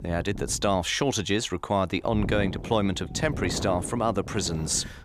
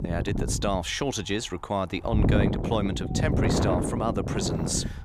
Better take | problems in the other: first | wind noise on the microphone; heavy; 3 dB below the speech; occasional gusts in the first

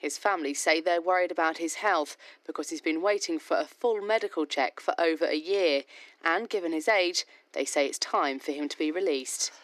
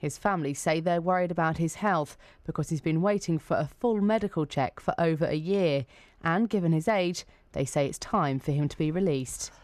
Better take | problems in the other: second | thin; somewhat; fading below 300 Hz

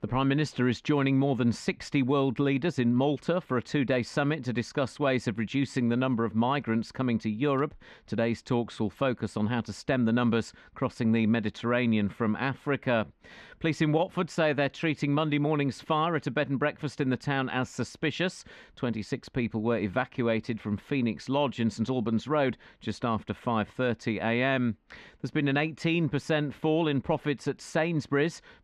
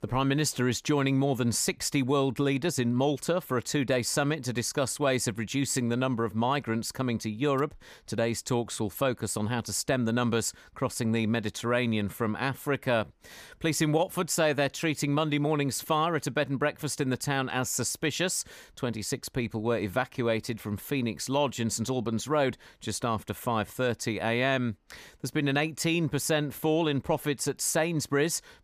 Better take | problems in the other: second | muffled; slightly; fading above 3 kHz

